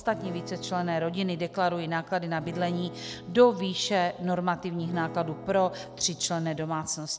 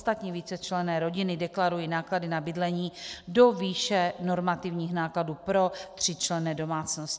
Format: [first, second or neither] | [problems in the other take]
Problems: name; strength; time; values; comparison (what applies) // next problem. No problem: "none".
second | background sound (Acoustic guitar / Strum); 15 dB below the speech